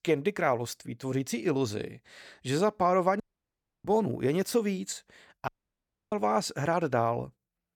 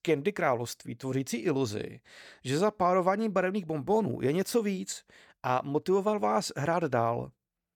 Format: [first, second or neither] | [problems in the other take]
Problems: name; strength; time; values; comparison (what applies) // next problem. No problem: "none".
second | audio cutting out; at 3 s for 0.5 s and at 5.5 s for 0.5 s